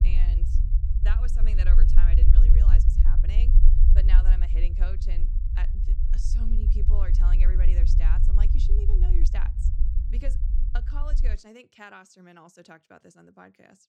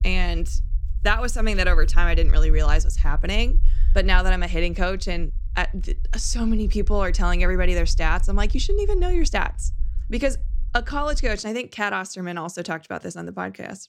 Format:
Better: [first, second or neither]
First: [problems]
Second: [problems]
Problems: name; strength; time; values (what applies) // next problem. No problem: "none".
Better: second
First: low rumble; loud; until 11 s; 2 dB below the speech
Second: low rumble; faint; until 11 s; 25 dB below the speech